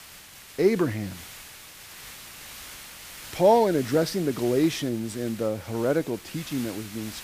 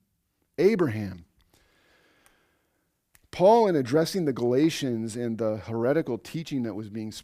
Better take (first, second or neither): second